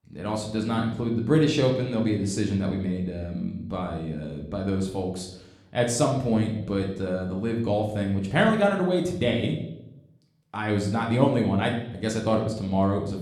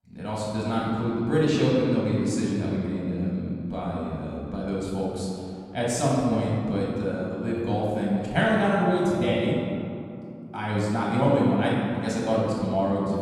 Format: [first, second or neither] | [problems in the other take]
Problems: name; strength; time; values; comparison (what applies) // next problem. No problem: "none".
first | room echo; strong; dies away in 2.5 s; slight in the first // off-mic speech; far; somewhat distant in the first